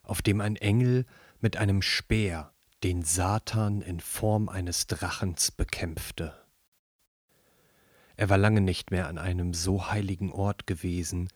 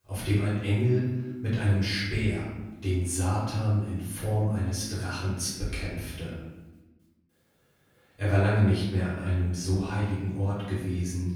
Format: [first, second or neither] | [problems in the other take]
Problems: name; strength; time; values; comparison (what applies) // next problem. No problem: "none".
first | room echo; noticeable; dies away in 1.1 s // off-mic speech; far